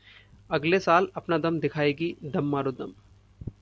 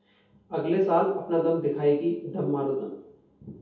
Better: first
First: none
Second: room echo; dies away in 0.7 s

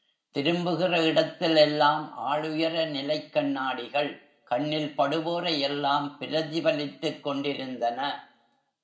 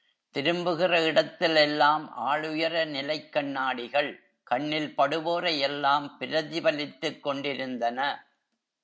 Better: second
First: room echo; dies away in 0.4 s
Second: none

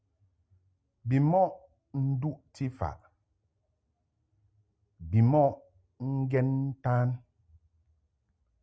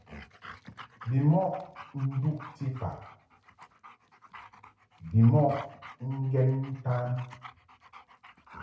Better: first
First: none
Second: background sound (Dog); 19 dB below the speech // room echo; dies away in 0.6 s

